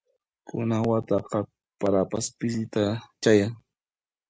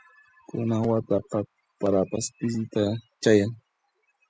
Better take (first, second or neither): first